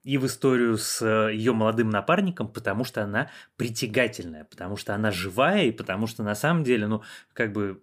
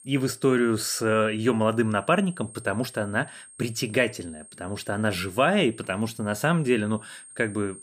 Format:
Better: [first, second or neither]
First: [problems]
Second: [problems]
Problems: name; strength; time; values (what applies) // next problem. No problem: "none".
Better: first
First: none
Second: high-pitched whine; noticeable; throughout; 8.5 kHz, 20 dB below the speech